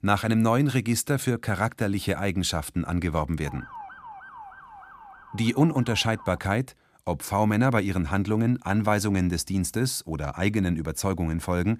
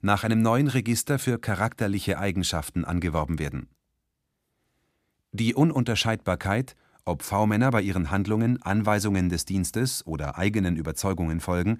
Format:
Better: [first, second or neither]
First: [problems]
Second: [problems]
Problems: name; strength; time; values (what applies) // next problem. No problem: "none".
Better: second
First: siren; faint; from 3.5 to 6.5 s; peak 15 dB below the speech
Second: none